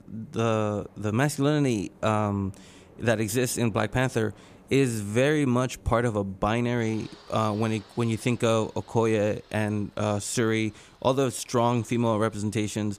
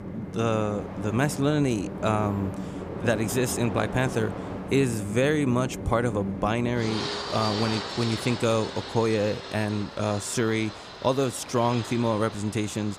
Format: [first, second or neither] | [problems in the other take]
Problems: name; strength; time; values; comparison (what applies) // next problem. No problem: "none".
first | train or aircraft noise; loud; throughout; 8 dB below the speech; faint in the first